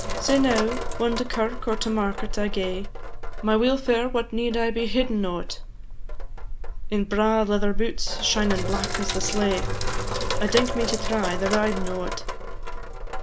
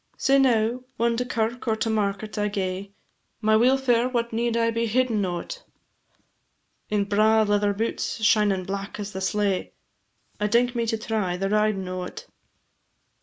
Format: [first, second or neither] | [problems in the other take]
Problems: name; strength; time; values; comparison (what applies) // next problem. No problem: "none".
second | background sound (Sink (filling or washing)); 1 dB below the speech